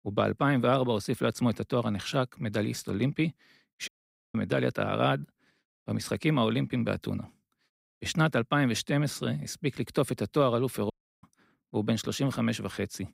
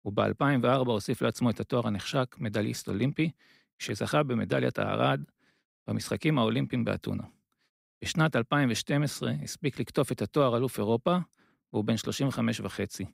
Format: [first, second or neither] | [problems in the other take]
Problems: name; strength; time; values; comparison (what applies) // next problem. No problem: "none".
second | audio cutting out; at 4 s and at 11 s